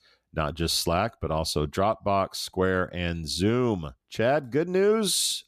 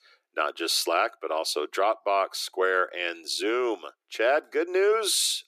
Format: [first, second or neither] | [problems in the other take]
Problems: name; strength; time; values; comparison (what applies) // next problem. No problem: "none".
first | thin; very; fading below 350 Hz